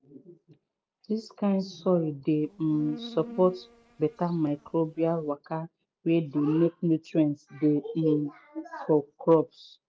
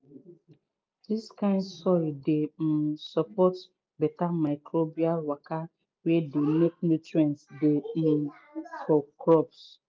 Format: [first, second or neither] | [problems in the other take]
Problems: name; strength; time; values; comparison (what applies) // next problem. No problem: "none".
second | background sound (Insect); 18 dB below the speech